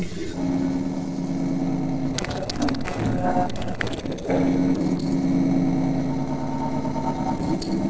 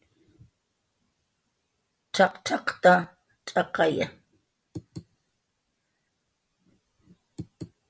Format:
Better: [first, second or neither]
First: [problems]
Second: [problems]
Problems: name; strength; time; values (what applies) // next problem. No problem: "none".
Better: second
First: noise reduction (neural separator model SepFormer DNS4)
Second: none